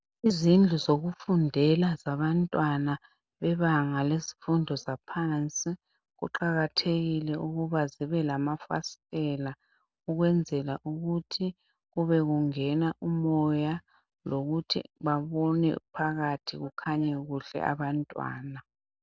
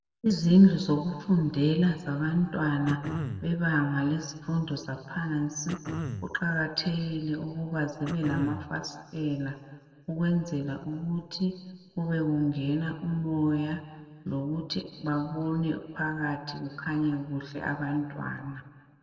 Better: first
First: none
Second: background sound (Cough); 10 dB below the speech // room echo; dies away in 1.9 s

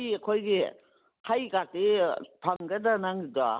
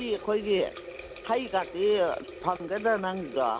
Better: first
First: none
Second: background sound (Water tap, faucet); 14 dB below the speech

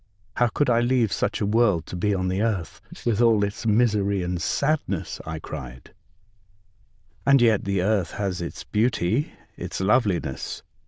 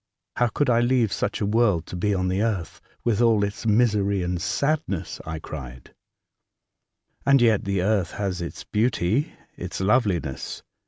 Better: second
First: noise reduction (neural diffusion model UNIVERSE++)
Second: none

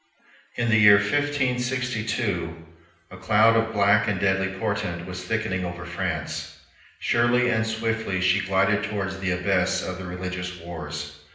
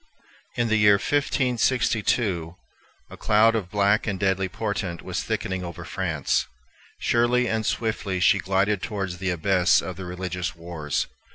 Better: second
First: room echo; dies away in 0.8 s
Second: none

